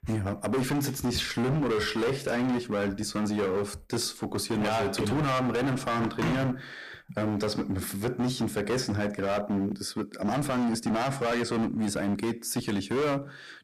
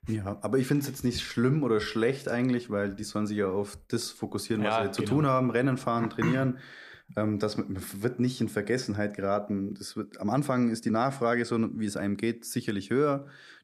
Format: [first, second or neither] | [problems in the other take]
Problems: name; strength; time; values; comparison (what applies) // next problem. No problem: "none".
second | distortion; heavy; 22% of the sound clipped